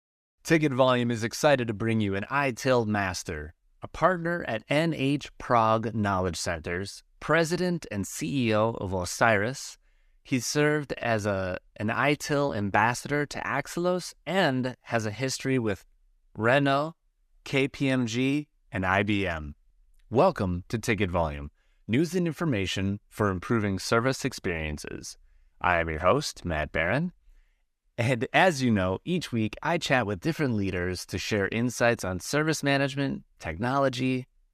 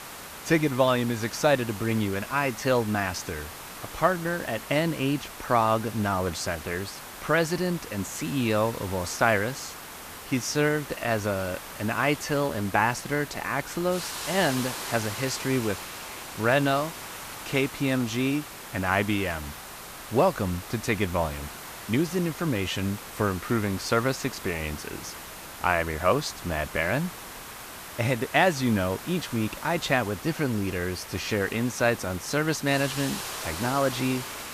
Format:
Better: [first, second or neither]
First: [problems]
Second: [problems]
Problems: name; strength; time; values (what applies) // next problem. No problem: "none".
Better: first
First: none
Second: hiss; noticeable; throughout; 10 dB below the speech